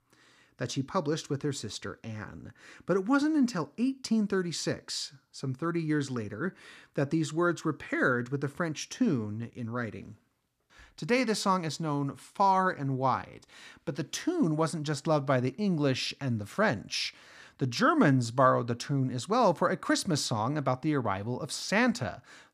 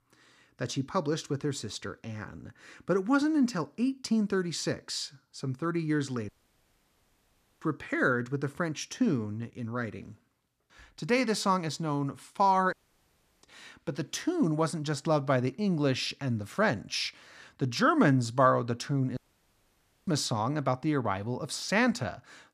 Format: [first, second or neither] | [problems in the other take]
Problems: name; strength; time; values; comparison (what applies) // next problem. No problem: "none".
first | audio cutting out; at 6.5 s for 1.5 s, at 13 s for 0.5 s and at 19 s for 1 s